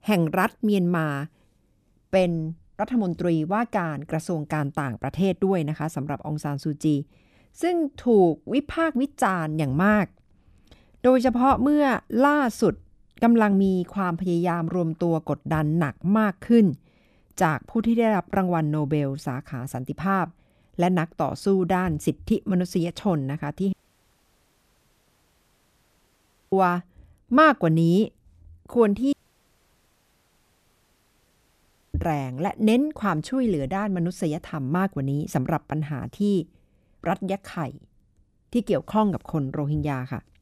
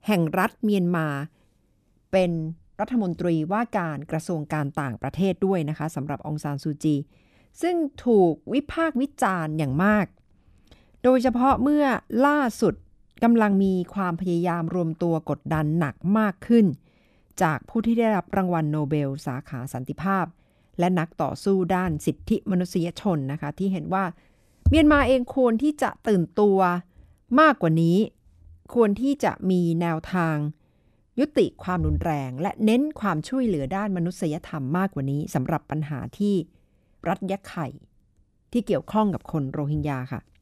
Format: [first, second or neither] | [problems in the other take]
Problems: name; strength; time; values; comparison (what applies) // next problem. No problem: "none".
second | audio cutting out; at 24 s for 3 s and at 29 s for 3 s